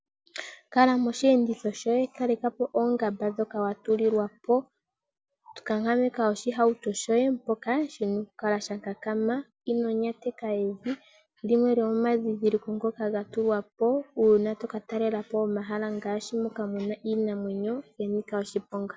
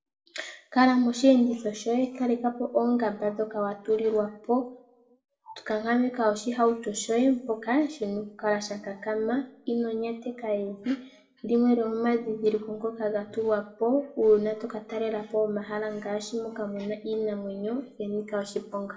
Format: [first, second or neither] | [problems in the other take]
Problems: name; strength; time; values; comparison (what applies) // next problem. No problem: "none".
first | room echo; dies away in 0.4 s